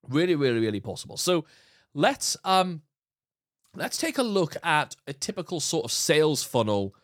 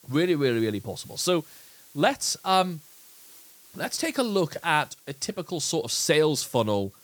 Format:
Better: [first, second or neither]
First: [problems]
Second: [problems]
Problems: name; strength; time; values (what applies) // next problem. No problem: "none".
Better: first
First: none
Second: hiss; faint; throughout; 25 dB below the speech